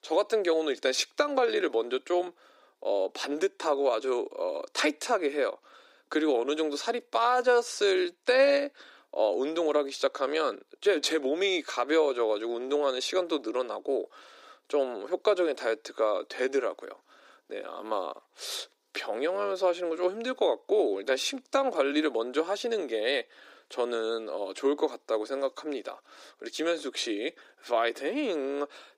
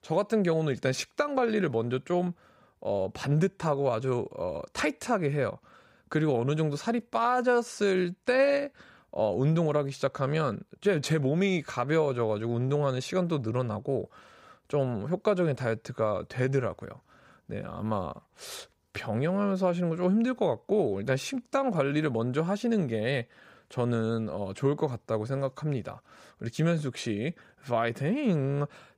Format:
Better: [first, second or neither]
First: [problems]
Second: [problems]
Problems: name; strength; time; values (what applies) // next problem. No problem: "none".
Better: second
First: thin; somewhat; fading below 300 Hz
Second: none